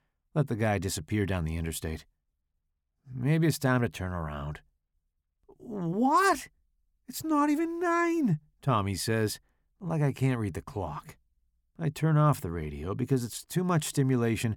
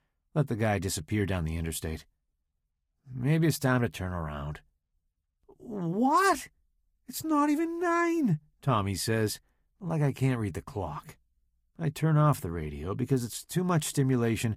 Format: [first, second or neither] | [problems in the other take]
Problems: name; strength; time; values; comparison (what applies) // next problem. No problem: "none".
first | garbled, watery; slightly; nothing above 15 kHz